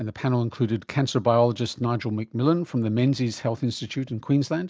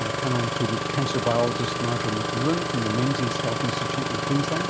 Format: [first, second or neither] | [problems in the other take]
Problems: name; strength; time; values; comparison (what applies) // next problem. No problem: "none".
first | background sound (Engine starting); as loud as the speech